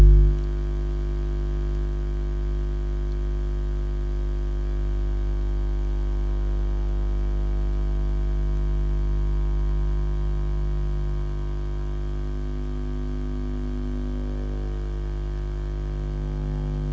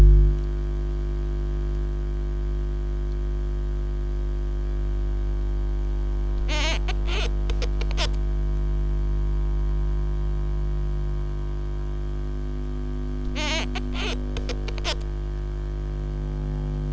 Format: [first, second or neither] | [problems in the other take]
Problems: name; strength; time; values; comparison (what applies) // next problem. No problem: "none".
first | background sound (Squeak); 8 dB below the speech